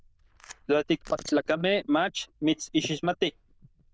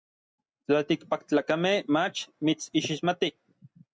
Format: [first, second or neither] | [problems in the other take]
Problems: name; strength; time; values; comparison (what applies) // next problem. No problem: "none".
second | noise reduction (neural diffusion model UNIVERSE++)